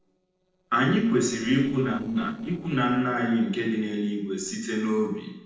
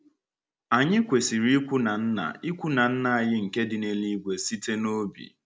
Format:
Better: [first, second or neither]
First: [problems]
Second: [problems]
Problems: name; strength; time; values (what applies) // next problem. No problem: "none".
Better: second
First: noise reduction (neural separator model SepFormer DNS4)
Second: none